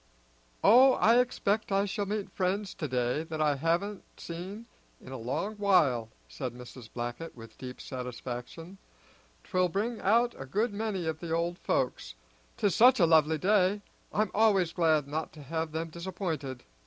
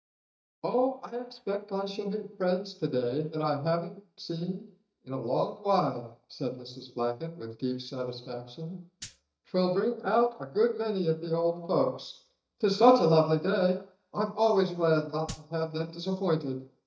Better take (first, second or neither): first